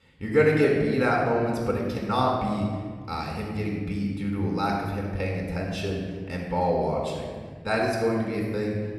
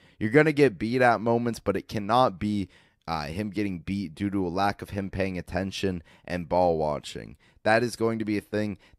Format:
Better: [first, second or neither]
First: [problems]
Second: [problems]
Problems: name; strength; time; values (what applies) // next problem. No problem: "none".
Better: second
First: off-mic speech; somewhat distant // room echo; noticeable; dies away in 1.7 s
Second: none